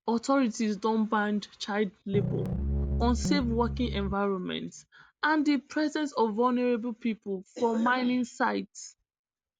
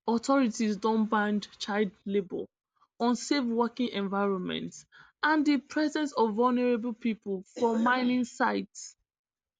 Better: second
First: background sound (Piano); 1 dB below the speech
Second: none

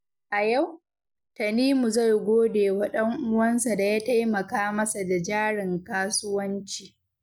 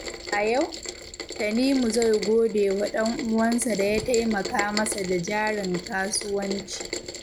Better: first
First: none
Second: background sound (Rain); 10 dB below the speech

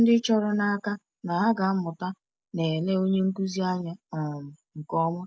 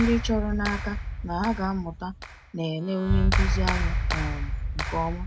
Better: first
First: none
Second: background sound (Clapping); 1 dB above the speech

